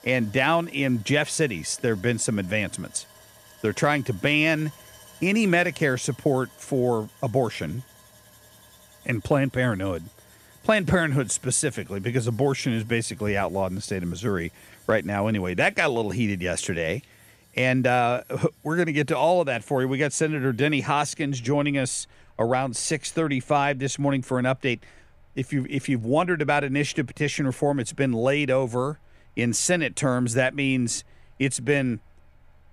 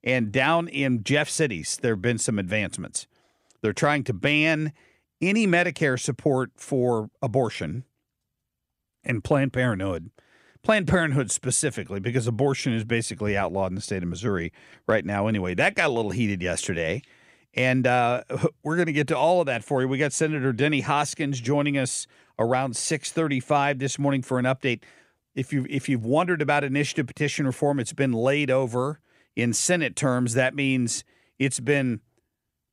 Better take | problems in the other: second | machinery noise; faint; throughout; 30 dB below the speech

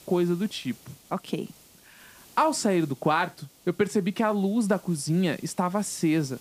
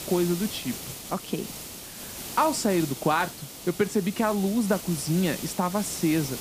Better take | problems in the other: first | hiss; loud; throughout; 9 dB below the speech; faint in the first

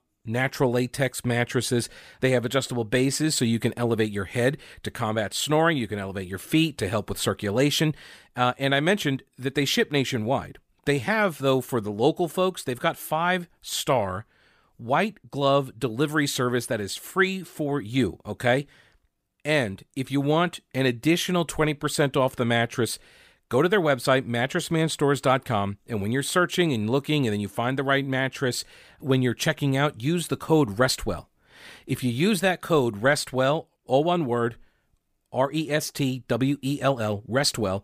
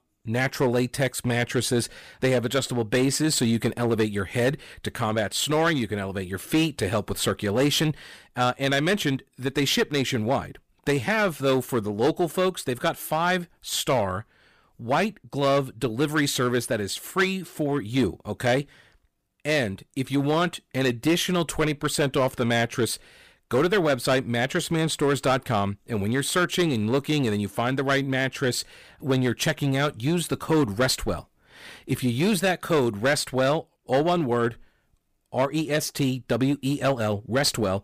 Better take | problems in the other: first | distortion; slight; 6% of the sound clipped

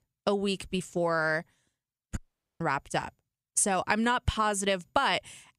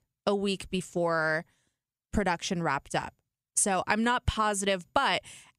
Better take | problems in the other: second | audio cutting out; at 2 s

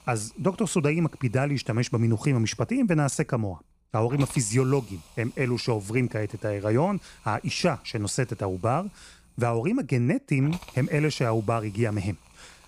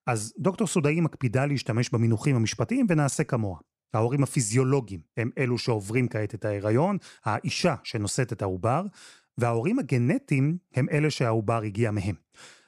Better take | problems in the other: second | hiss; faint; throughout; 25 dB below the speech

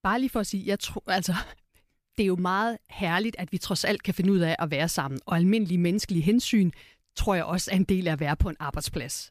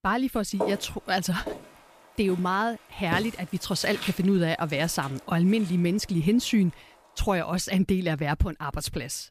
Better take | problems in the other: first | footsteps; noticeable; from 0.5 to 5 s; peak 5 dB below the speech

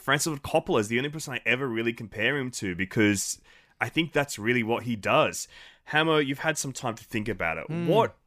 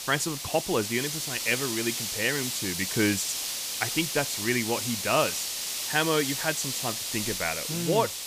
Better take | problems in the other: first | hiss; loud; throughout; 1 dB below the speech

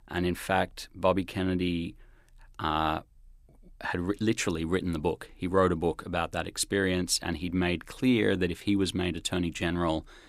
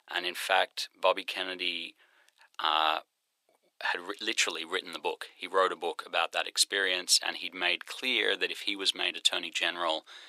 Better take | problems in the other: first | thin; very; fading below 550 Hz

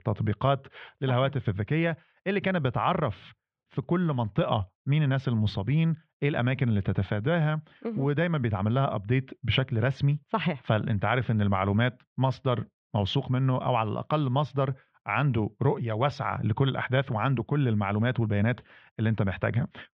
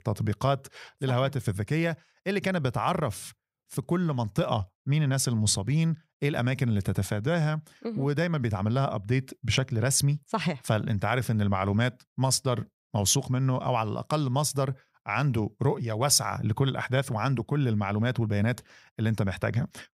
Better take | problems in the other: second | muffled; very; fading above 3.5 kHz

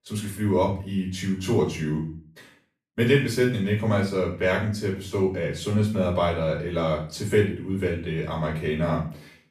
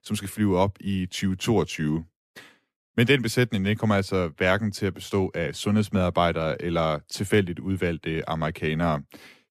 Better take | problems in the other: second | room echo; slight; dies away in 0.4 s // off-mic speech; far

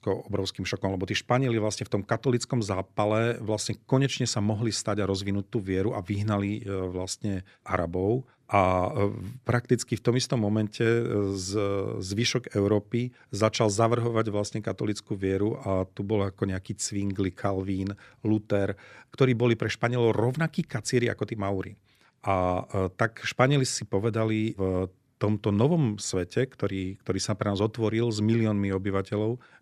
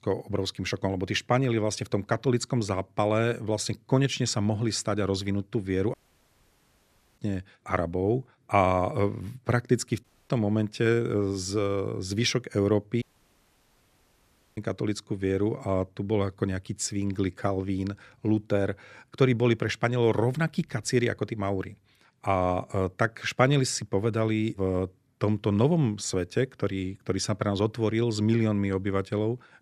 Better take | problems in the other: first | audio cutting out; at 6 s for 1 s, at 10 s and at 13 s for 1.5 s

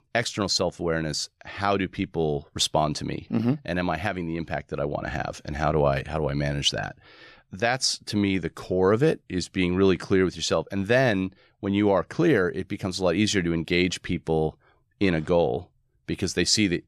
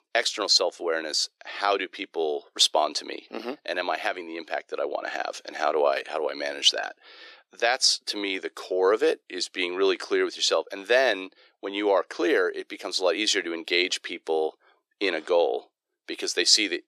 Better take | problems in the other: first | thin; very; fading below 350 Hz

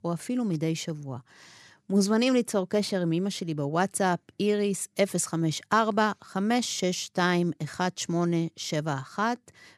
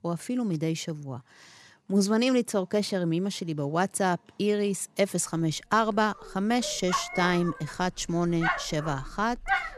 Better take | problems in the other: first | animal sounds; loud; throughout; 6 dB below the speech

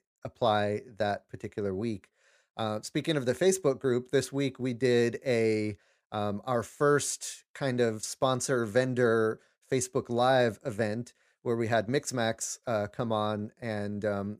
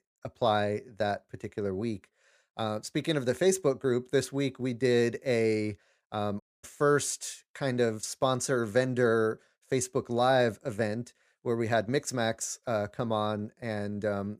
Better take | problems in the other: first | audio cutting out; at 6.5 s

